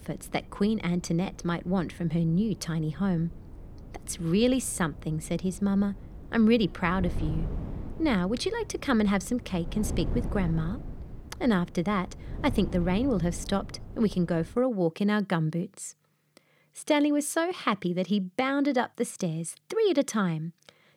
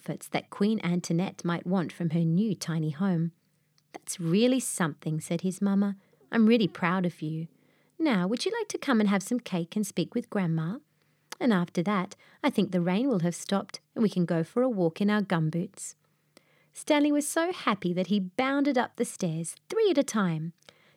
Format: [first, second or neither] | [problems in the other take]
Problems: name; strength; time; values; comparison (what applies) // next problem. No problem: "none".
second | wind noise on the microphone; occasional gusts; until 15 s; 20 dB below the speech